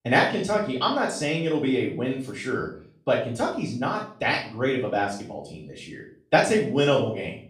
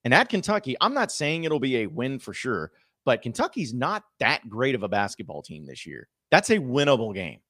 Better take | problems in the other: second | room echo; noticeable; dies away in 0.4 s // off-mic speech; far

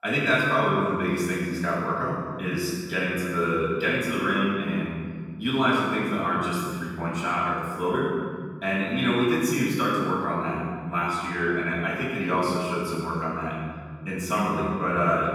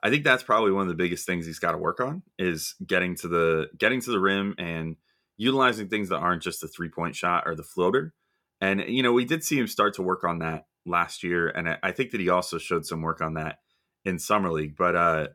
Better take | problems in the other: second | off-mic speech; far // room echo; strong; dies away in 2 s

